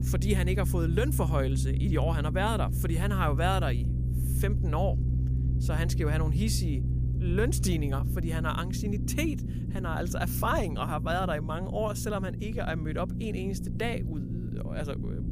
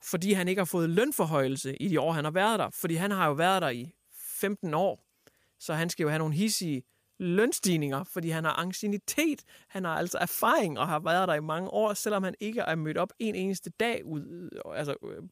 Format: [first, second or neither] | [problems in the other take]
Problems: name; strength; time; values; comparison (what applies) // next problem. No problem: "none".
second | low rumble; loud; throughout; 10 dB below the speech